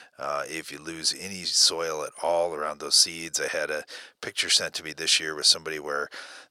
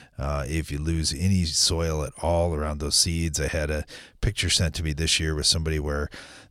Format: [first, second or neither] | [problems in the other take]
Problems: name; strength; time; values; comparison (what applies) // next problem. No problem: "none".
second | thin; very; fading below 500 Hz